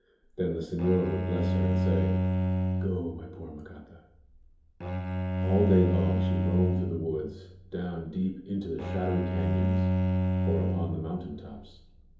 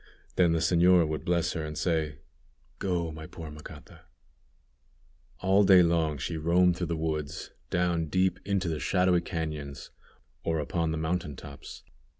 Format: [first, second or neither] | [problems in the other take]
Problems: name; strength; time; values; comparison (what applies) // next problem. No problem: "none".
second | background sound (Bowed string instrument); 3 dB above the speech // room echo; dies away in 2.8 s